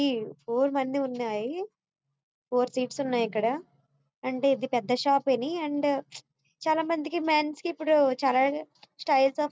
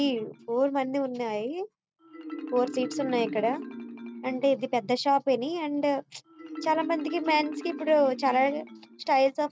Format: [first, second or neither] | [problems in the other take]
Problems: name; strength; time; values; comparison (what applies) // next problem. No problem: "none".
first | background sound (Marimba, xylophone); 12 dB below the speech